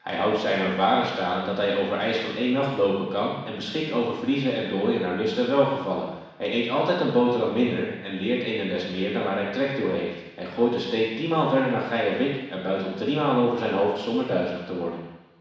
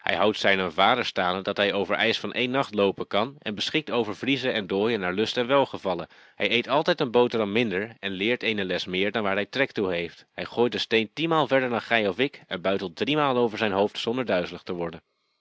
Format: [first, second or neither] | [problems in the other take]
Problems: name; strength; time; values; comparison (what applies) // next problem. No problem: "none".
second | room echo; dies away in 1.1 s